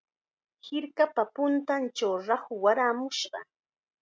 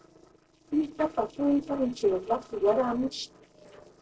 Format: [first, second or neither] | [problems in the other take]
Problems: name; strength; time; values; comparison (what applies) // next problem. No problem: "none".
first | noise reduction (neural separator model SepFormer DNS4)